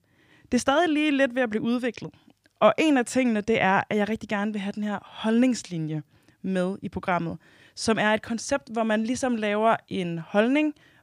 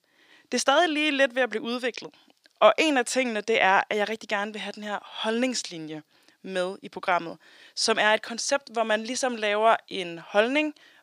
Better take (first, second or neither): first